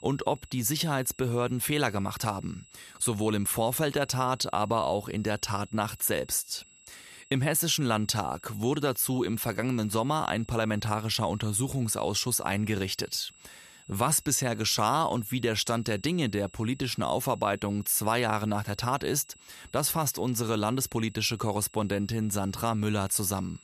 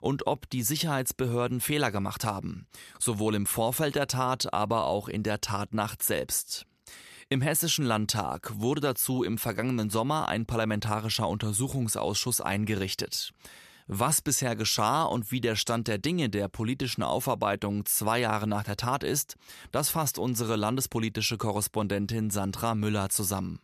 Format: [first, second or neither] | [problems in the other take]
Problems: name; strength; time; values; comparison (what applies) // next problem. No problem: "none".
second | high-pitched whine; faint; throughout; 7.5 kHz, 25 dB below the speech